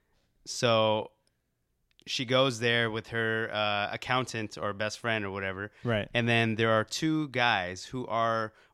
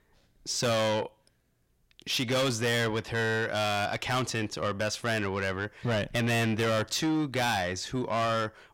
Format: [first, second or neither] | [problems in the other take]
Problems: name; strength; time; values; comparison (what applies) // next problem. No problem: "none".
first | distortion; heavy; 6 dB below the speech